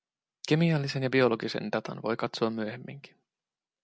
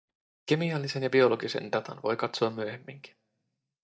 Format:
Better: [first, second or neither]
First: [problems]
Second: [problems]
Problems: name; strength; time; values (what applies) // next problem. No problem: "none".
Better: first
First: none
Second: noise reduction (neural mask model DeepFilterNet 3)